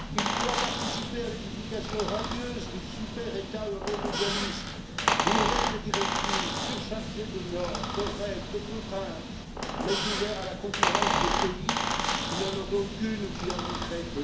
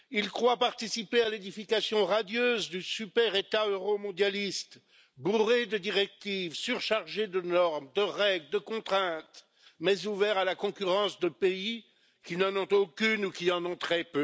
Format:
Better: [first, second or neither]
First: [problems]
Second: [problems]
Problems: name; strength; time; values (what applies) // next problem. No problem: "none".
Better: second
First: background sound (Squeak); 4 dB above the speech // room echo; dies away in 0.7 s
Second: none